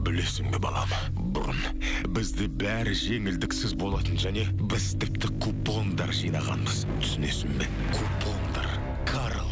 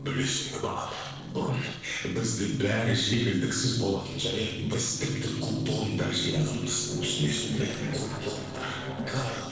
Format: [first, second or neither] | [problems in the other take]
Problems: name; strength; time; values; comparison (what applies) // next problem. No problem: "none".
first | noise reduction (neural separator model SepFormer DNS4)